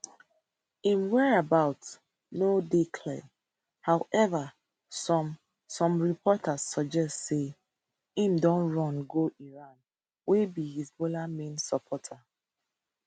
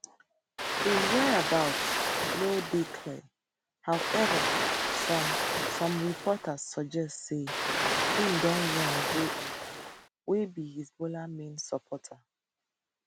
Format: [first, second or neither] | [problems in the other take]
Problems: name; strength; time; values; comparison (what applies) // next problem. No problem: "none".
first | background sound (Ocean); 3 dB above the speech